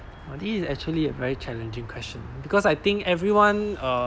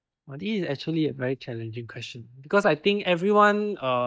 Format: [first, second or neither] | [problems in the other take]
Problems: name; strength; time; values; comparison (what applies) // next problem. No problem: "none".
first | noise reduction (neural mask model DeepFilterNet 3)